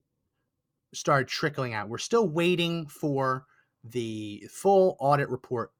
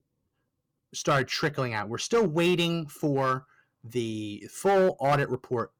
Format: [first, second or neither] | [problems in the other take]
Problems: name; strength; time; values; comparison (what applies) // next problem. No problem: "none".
first | distortion; slight; 4% of the sound clipped